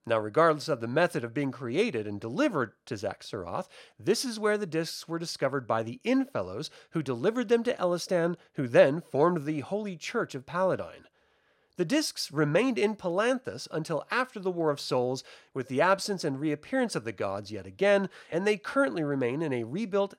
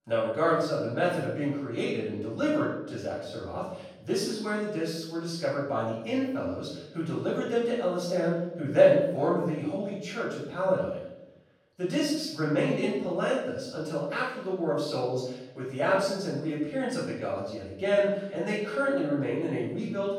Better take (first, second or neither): first